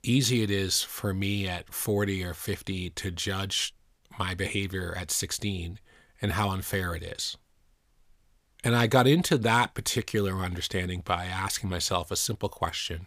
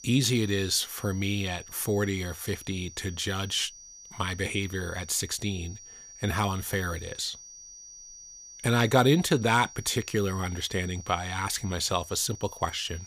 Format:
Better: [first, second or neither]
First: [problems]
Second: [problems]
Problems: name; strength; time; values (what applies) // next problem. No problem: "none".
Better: first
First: none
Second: high-pitched whine; noticeable; throughout; 6 kHz, 15 dB below the speech